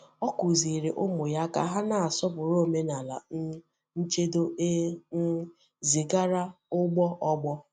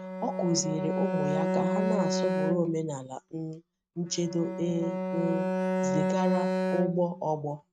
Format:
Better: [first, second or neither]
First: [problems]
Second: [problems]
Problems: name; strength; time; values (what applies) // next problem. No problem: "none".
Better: first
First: none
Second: noise reduction (neural mask model RNNoise)